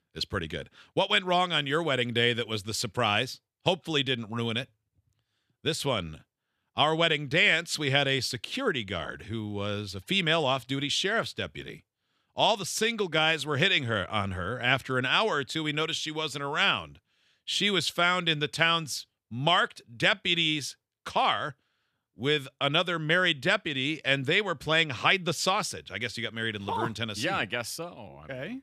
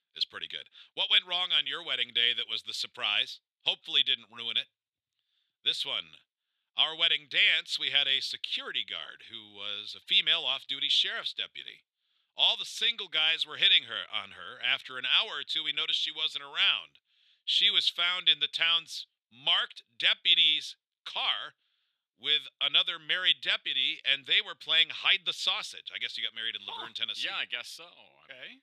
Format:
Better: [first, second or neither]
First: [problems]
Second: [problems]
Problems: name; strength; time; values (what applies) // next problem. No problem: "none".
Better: first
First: none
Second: thin; somewhat; fading below 650 Hz